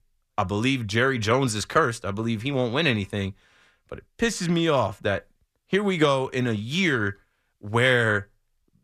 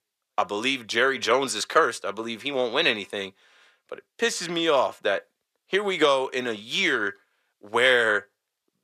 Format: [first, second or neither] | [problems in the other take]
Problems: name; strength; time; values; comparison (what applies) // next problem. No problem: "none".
first | thin; somewhat; fading below 450 Hz